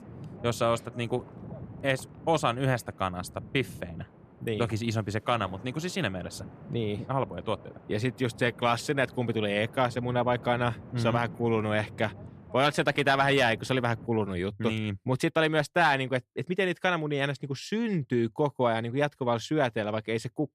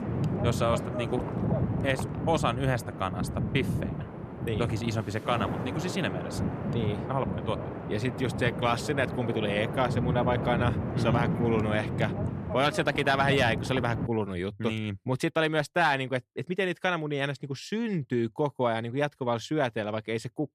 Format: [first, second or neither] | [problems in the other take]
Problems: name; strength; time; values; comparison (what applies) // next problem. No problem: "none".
first | wind noise on the microphone; heavy; until 14 s; 8 dB below the speech; occasional gusts in the first